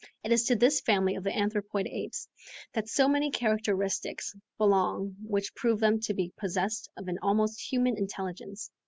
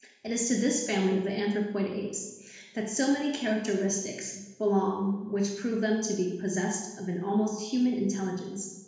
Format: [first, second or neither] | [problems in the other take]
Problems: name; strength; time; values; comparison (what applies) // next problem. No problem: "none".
first | room echo; dies away in 1.1 s